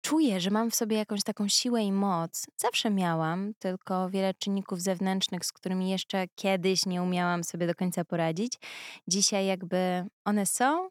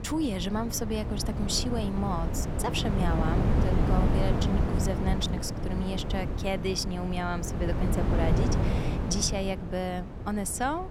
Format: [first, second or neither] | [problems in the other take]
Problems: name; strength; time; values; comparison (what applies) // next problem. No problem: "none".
first | wind noise on the microphone; heavy; 4 dB below the speech